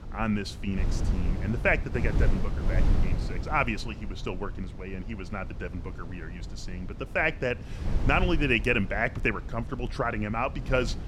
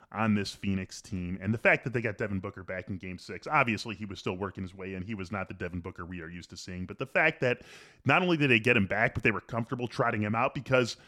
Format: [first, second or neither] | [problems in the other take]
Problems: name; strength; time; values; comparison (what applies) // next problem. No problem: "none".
second | wind noise on the microphone; occasional gusts; 15 dB below the speech